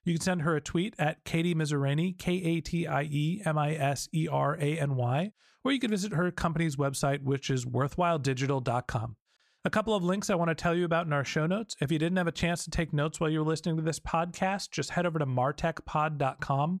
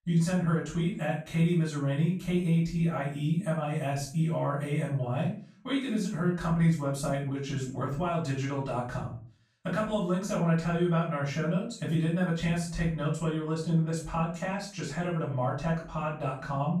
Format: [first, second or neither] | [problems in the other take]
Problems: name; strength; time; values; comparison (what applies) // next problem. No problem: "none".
first | off-mic speech; far // room echo; noticeable; dies away in 0.4 s